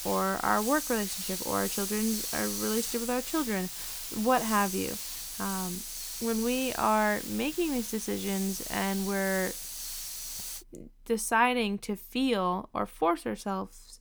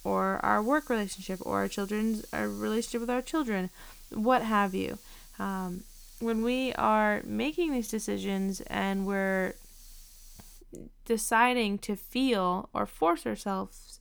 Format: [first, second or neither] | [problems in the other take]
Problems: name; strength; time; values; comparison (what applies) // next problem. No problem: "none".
second | hiss; loud; until 11 s; 5 dB below the speech; faint in the second